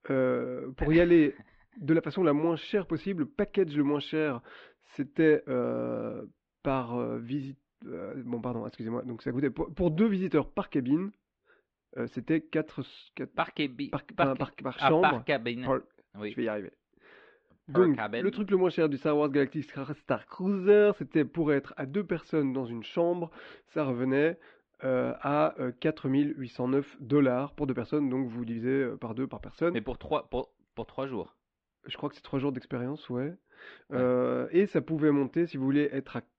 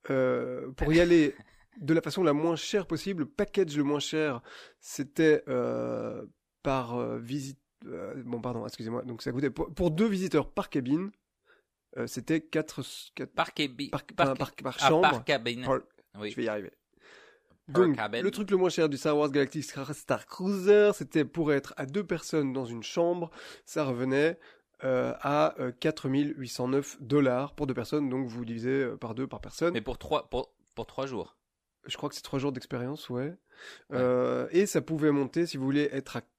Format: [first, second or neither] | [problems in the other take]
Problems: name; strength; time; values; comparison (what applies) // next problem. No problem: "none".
second | muffled; slightly; fading above 3.5 kHz